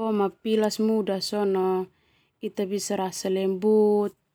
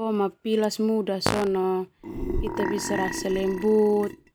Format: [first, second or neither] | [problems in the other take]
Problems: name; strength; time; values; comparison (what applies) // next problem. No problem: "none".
first | background sound (Burping, eructation + Fart); 5 dB below the speech